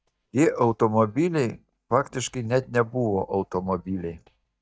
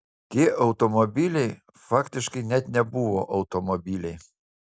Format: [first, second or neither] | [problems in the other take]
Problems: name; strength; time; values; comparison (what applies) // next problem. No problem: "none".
second | noise reduction (neural mask model DeepFilterNet 3)